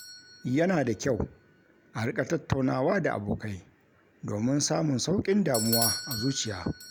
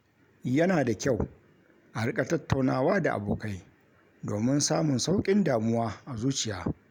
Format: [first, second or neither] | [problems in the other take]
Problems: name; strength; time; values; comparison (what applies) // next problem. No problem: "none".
second | background sound (Bell / Doorbell); 10 dB below the speech